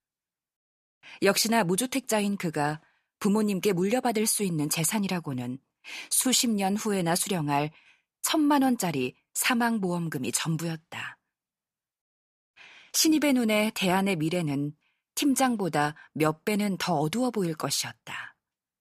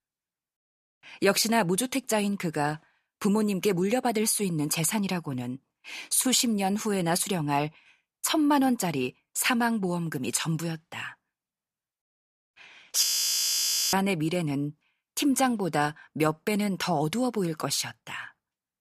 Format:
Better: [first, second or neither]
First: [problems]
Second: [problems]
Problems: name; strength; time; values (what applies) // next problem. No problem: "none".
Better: first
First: none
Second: audio freezing; at 13 s for 1 s